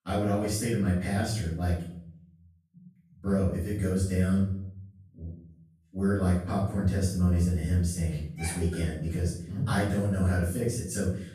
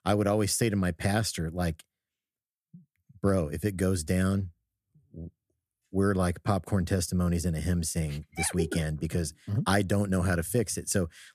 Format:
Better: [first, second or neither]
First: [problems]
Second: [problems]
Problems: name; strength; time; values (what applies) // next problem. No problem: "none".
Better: second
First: off-mic speech; far // room echo; noticeable; dies away in 0.6 s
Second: none